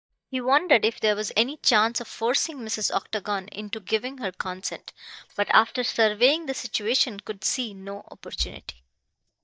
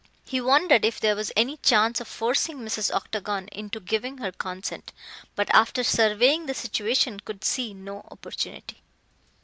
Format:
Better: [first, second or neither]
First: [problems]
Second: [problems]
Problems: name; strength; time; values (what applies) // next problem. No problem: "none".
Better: second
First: noise reduction (neural mask model DeepFilterNet 3)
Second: none